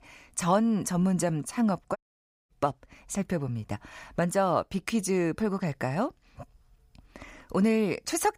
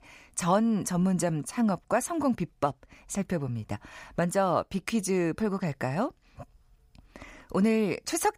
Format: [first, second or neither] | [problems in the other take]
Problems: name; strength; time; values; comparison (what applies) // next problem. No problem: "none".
second | audio cutting out; at 2 s for 0.5 s